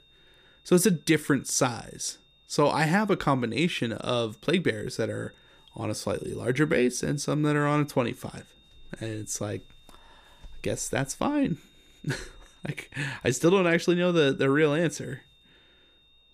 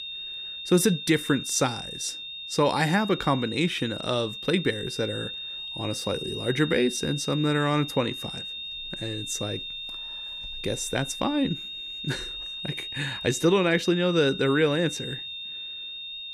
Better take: first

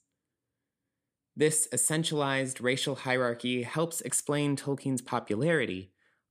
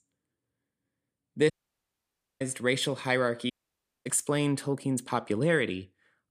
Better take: first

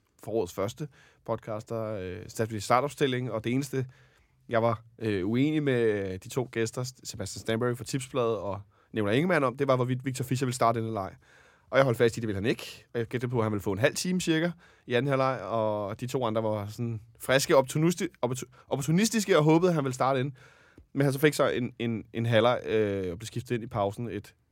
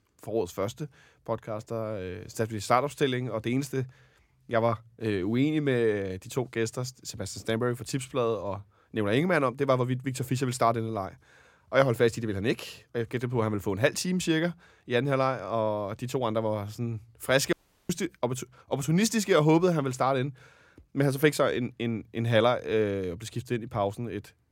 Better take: first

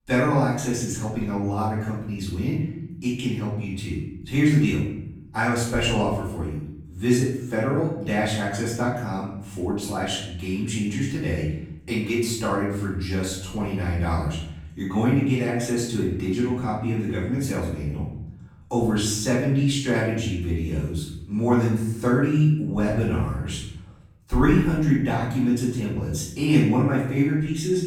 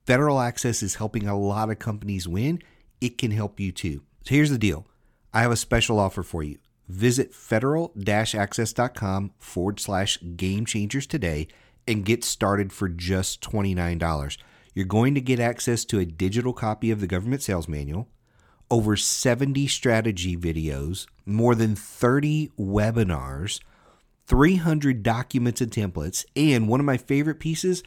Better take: second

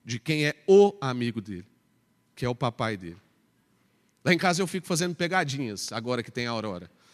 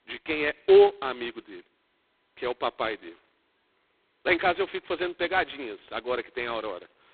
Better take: first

